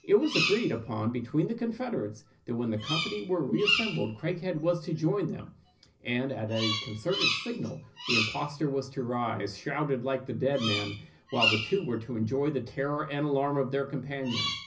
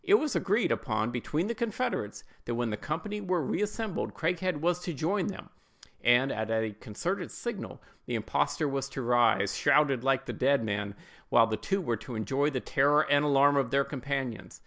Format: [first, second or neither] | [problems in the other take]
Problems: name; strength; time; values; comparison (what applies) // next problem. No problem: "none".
second | background sound (Bird vocalization, bird call, bird song); 6 dB below the speech // room echo; dies away in 0.4 s